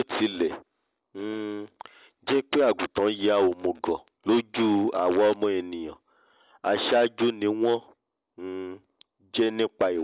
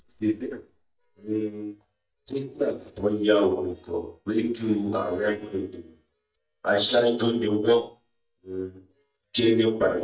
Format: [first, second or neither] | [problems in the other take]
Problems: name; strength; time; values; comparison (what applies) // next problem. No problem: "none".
first | noise reduction (neural mask model DeepFilterNet 3)